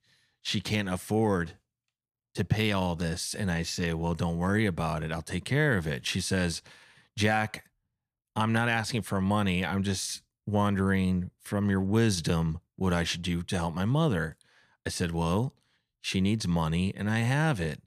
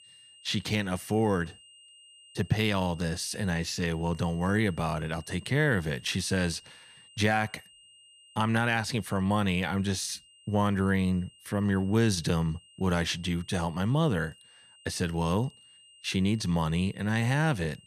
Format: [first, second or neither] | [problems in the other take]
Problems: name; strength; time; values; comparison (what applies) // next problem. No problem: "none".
first | high-pitched whine; faint; throughout; 3 kHz, 25 dB below the speech